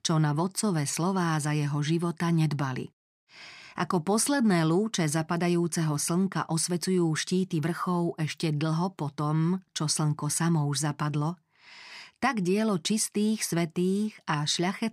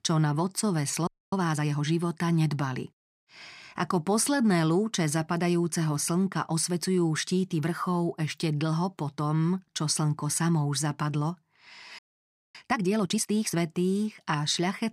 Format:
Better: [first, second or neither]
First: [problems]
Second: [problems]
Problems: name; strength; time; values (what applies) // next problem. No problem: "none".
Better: first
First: none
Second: audio freezing; at 1 s and at 12 s for 0.5 s